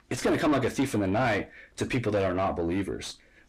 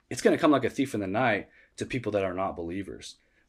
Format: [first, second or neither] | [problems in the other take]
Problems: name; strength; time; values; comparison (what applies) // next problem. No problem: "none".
second | distortion; heavy; 6 dB below the speech